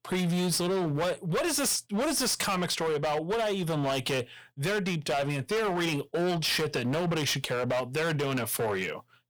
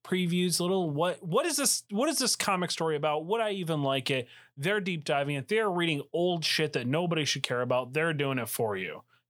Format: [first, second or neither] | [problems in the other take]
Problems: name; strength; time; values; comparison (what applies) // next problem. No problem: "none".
second | distortion; heavy; 24% of the sound clipped